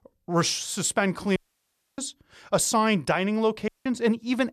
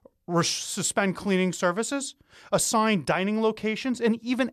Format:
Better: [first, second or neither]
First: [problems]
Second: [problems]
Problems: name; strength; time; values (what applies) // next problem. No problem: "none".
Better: second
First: audio cutting out; at 1.5 s for 0.5 s and at 3.5 s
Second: none